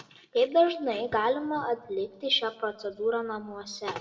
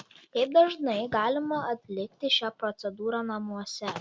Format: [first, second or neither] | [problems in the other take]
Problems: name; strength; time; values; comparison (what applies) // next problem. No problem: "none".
second | room echo; dies away in 0.9 s